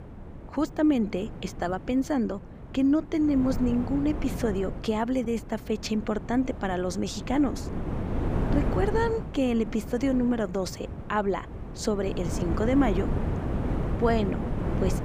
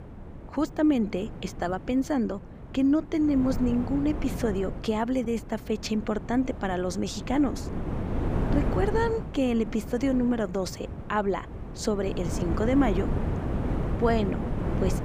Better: neither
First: wind noise on the microphone; heavy; 9 dB below the speech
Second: wind noise on the microphone; heavy; 9 dB below the speech

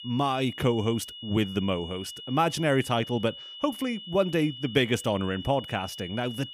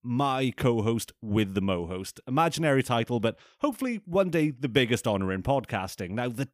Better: second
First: high-pitched whine; noticeable; throughout; 3 kHz, 10 dB below the speech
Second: none

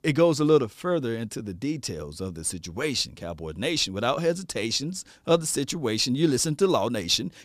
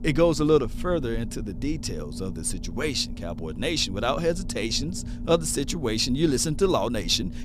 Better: first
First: none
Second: low rumble; noticeable; throughout; 20 dB below the speech

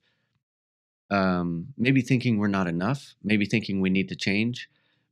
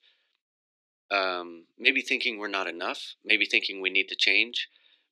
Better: first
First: none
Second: thin; very; fading below 350 Hz

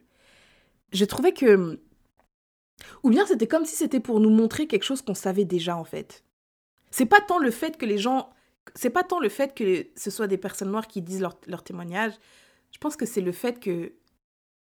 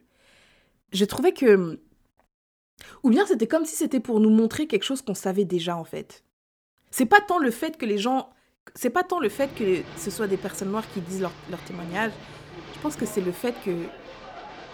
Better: first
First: none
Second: crowd noise; noticeable; from 9.5 s on; 15 dB below the speech

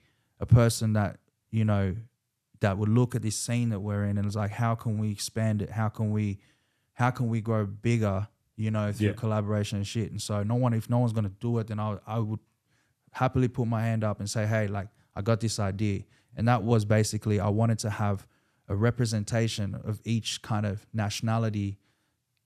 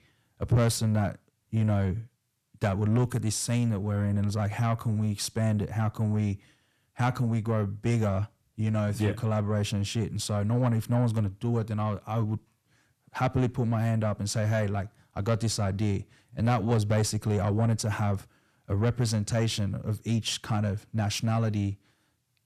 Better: first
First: none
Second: distortion; slight; 10 dB below the speech

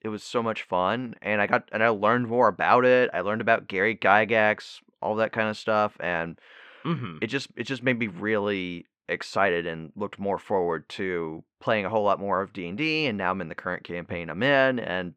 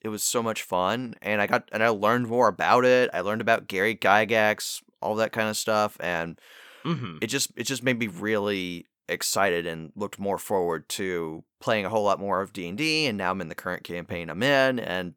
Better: second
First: muffled; slightly; fading above 2.5 kHz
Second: none

